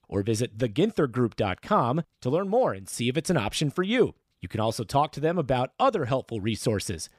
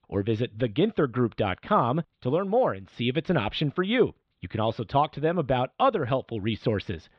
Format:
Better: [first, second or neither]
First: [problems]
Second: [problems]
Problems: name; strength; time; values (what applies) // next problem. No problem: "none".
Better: first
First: none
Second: muffled; very; fading above 3.5 kHz